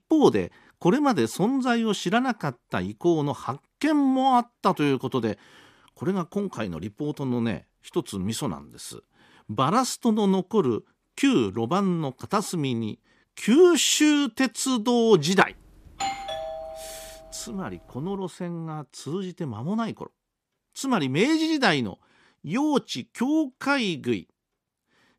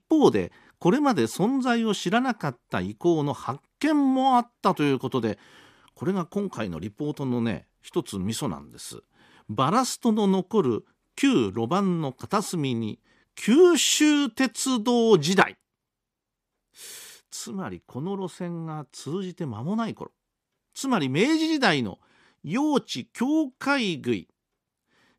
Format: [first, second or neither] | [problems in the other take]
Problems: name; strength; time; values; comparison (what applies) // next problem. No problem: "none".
second | doorbell; noticeable; from 16 to 17 s; peak 5 dB below the speech